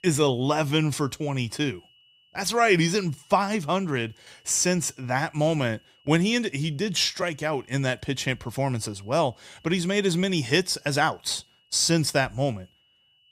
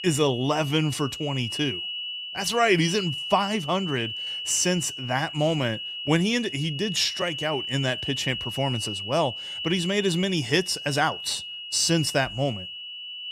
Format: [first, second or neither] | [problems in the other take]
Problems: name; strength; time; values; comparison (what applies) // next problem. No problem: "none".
first | high-pitched whine; loud; throughout; 3 kHz, 6 dB below the speech; faint in the first